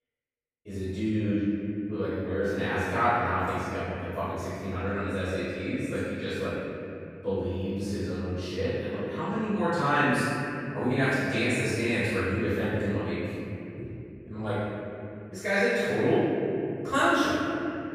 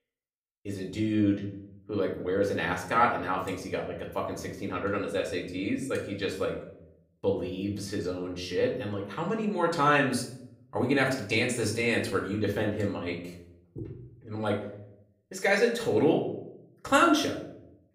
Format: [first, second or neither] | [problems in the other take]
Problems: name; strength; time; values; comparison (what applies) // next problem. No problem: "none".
second | room echo; strong; dies away in 3 s; slight in the second // off-mic speech; far; far in the second